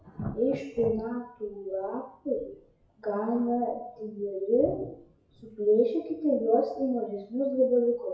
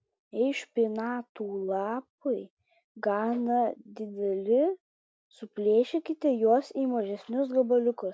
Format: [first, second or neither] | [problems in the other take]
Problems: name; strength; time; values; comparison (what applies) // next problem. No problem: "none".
second | noise reduction (classical method WPE with log-MMSE)